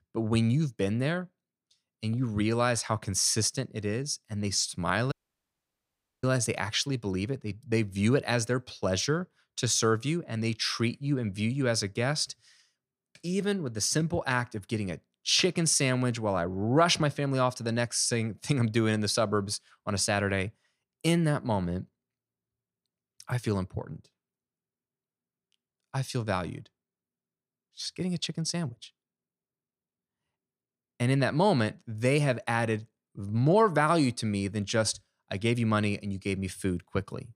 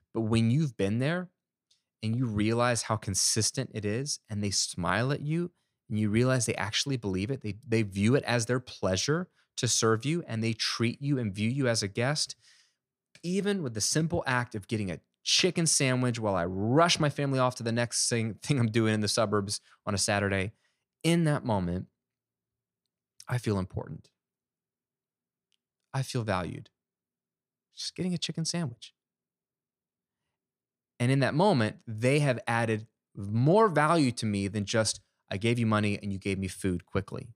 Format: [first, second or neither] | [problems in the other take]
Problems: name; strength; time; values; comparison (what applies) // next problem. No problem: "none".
second | audio cutting out; at 5 s for 1 s